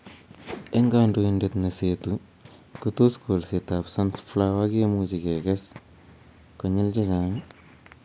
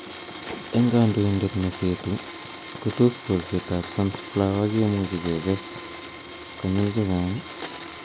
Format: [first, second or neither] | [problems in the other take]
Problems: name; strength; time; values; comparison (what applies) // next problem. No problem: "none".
first | background sound (Domestic sounds, home sounds); 13 dB below the speech